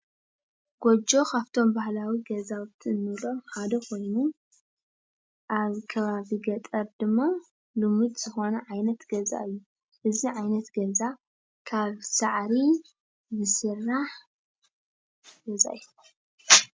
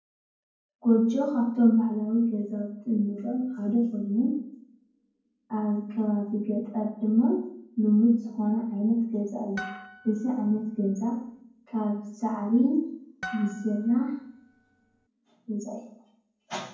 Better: first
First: none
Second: background sound (Harp); 16 dB below the speech // room echo; dies away in 0.9 s

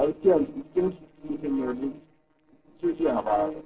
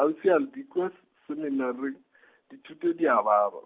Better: second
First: noise reduction (neural separator model SepFormer DNS4)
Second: none

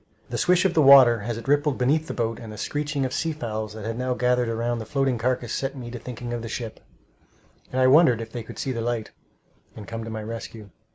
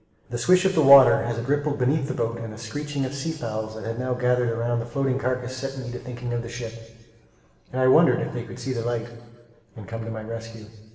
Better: first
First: none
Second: room echo; dies away in 1.4 s

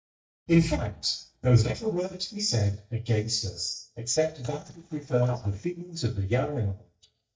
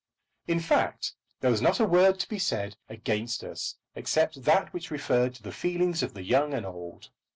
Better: second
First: noise reduction (neural mask model DeepFilterNet 3)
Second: none

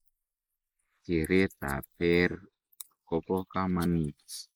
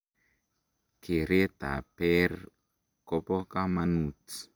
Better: second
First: noise reduction (neural mask model Resemble Enhance denoiser)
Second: none

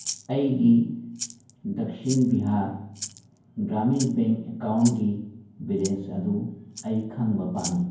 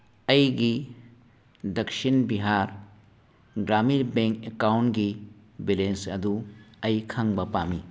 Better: second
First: background sound (Rattle (instrument)); 16 dB below the speech // room echo; dies away in 0.9 s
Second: none

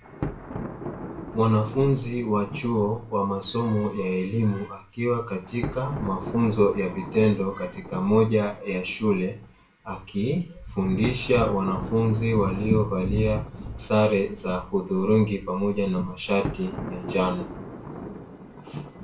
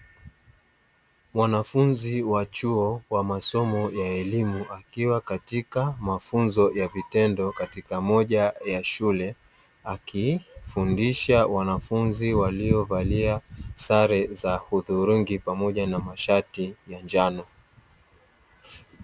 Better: second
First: background sound (Thunder); 13 dB below the speech // room echo; dies away in 0.3 s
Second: none

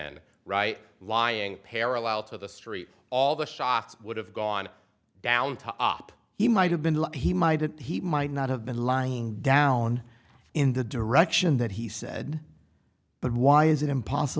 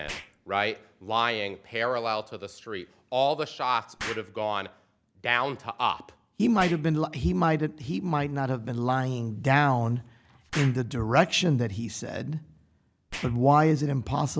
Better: first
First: none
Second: background sound (Explosion); 20 dB below the speech

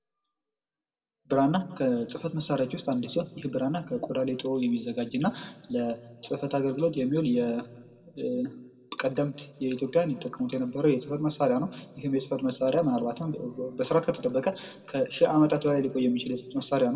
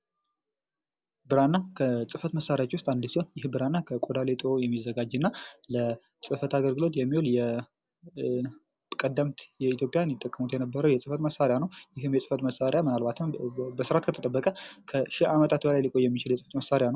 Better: second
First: room echo; dies away in 1 s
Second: none

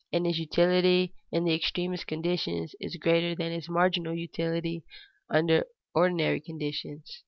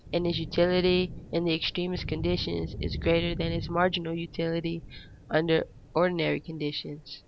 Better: first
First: none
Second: background sound (Thunder / Rain); 11 dB below the speech

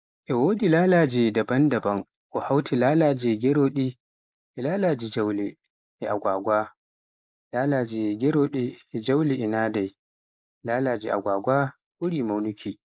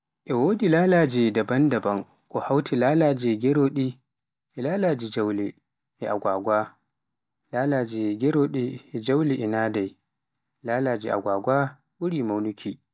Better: second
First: noise reduction (neural mask model Resemble Enhance denoiser)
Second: none

